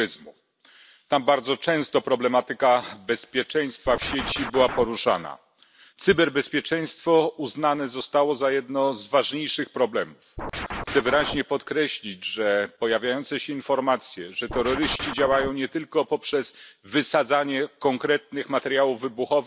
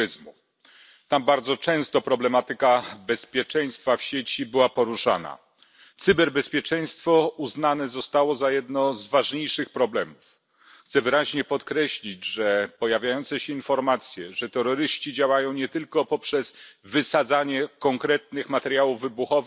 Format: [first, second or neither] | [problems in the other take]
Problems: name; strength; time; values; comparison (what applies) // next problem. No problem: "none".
second | background sound (Scratching (performance technique)); 7 dB below the speech